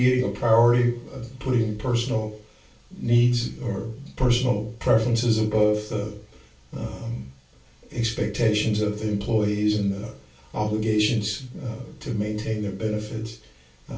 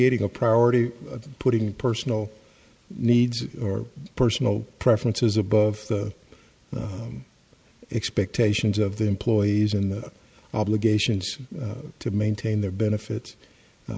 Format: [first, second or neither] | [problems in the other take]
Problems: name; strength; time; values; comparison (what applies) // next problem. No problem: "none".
second | room echo; dies away in 0.3 s